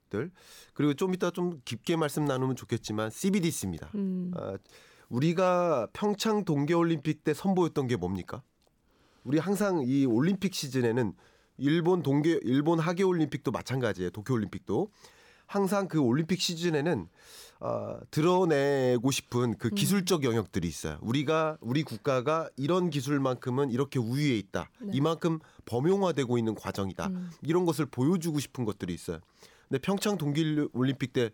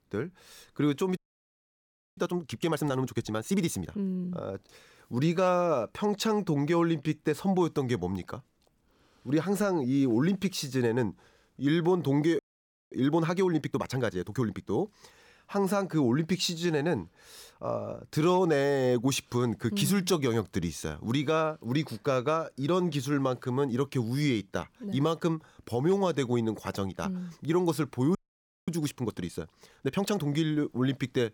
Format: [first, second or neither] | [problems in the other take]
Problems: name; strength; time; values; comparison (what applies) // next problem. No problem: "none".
first | audio freezing; at 1 s for 1 s, at 12 s for 0.5 s and at 28 s for 0.5 s